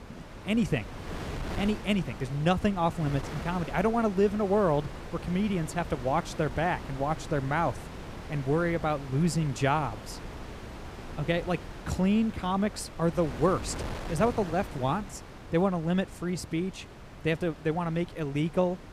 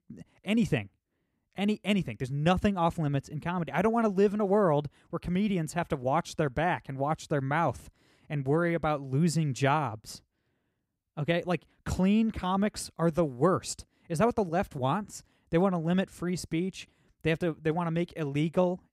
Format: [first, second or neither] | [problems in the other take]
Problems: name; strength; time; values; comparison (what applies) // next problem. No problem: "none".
second | wind noise on the microphone; occasional gusts; 15 dB below the speech